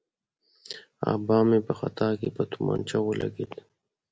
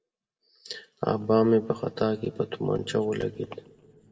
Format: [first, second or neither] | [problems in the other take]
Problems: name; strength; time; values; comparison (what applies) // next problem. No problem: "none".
first | room echo; dies away in 1 s